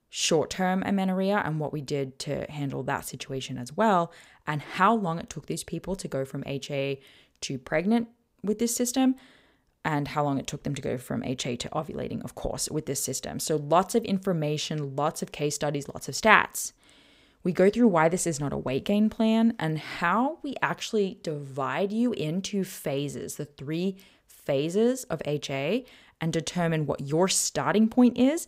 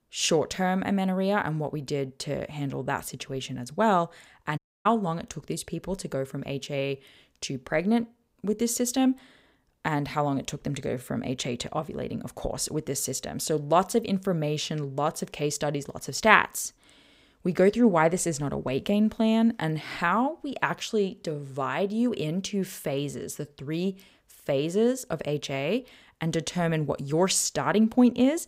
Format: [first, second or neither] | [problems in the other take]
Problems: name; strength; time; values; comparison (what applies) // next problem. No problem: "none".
first | audio cutting out; at 4.5 s